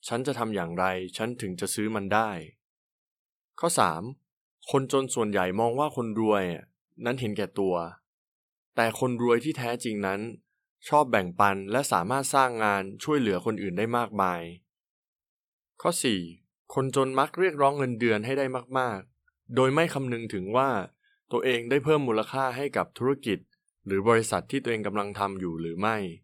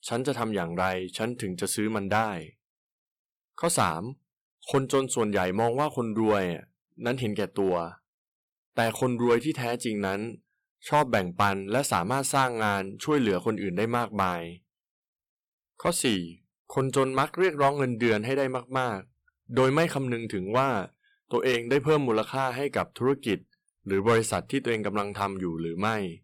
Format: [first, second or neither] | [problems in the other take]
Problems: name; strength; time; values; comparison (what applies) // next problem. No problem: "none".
first | distortion; slight; 1.7% of the sound clipped